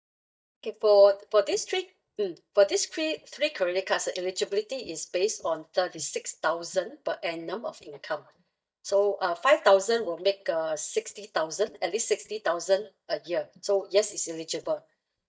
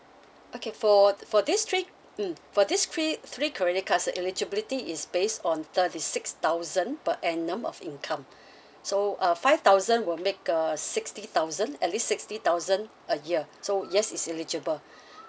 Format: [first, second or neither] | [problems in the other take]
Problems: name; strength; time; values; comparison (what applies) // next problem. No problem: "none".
second | noise reduction (neural mask model DeepFilterNet 3)